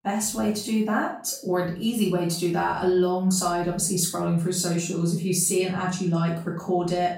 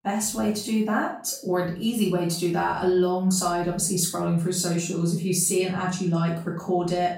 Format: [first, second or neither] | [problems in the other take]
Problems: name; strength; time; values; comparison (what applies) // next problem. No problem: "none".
neither | off-mic speech; far; the same in both // room echo; noticeable; dies away in 0.4 s; the same in both